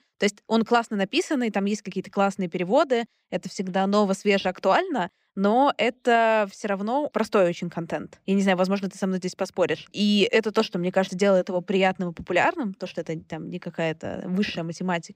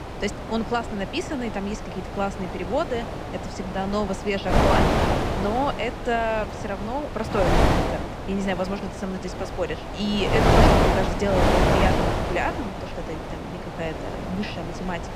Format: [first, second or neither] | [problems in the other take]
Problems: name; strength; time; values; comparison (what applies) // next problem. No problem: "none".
first | wind noise on the microphone; heavy; 2 dB above the speech